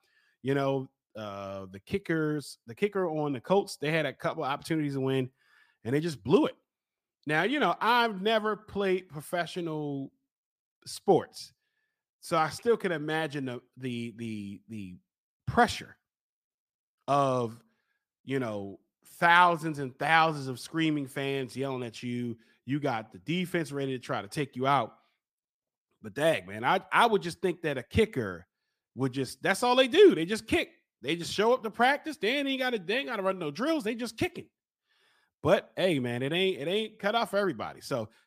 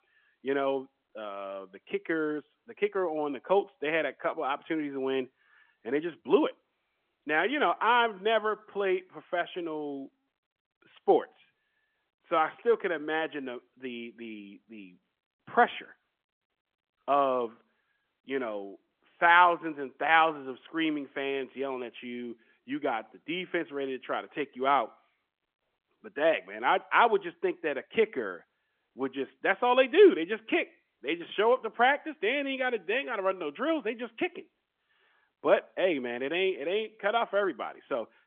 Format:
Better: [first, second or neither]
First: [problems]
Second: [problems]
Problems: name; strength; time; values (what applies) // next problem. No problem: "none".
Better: first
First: none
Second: phone-call audio; nothing above 3.5 kHz